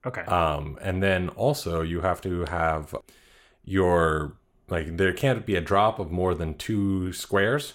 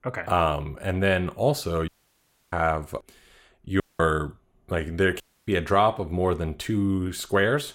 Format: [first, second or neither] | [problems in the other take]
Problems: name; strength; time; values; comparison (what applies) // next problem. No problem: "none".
first | audio cutting out; at 2 s for 0.5 s, at 4 s and at 5 s